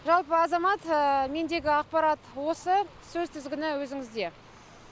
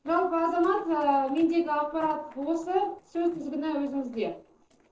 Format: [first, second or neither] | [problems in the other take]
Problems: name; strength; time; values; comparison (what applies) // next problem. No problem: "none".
first | noise reduction (neural separator model SepFormer DNS4)